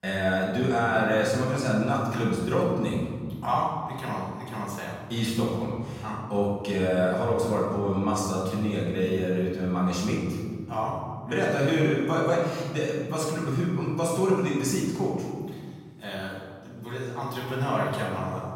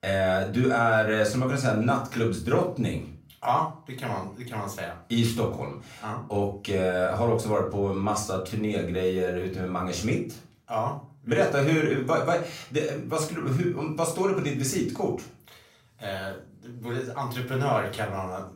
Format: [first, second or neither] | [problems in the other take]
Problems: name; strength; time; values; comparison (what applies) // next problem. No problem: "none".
second | room echo; strong; dies away in 2.1 s; slight in the second // off-mic speech; far; far in the second